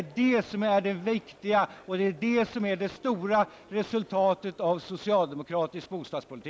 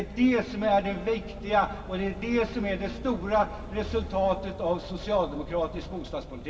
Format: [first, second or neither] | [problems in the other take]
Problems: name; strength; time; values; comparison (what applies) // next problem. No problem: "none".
first | background sound (Motor vehicle (road)); 12 dB below the speech // room echo; dies away in 2.5 s